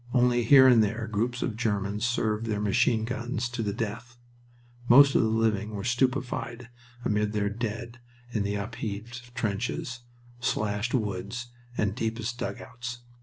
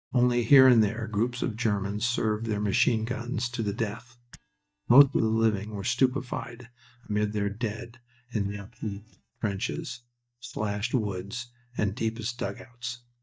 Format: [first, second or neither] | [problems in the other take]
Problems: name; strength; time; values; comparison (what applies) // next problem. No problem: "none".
first | noise reduction (neural mask model DeepFilterNet 3)